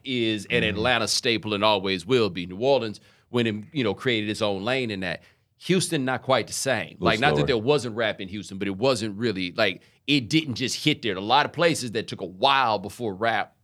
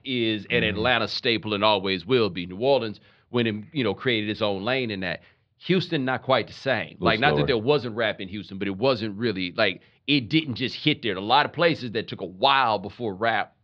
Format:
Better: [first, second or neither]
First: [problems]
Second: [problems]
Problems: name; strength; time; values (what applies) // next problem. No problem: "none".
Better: first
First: none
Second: muffled; very slightly; fading above 4 kHz